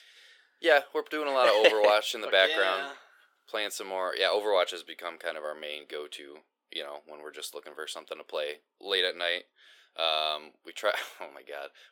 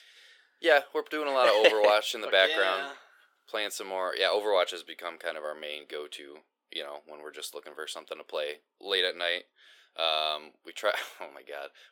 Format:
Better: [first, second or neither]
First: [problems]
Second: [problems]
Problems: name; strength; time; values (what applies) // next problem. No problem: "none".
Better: neither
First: thin; very; fading below 400 Hz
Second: thin; very; fading below 400 Hz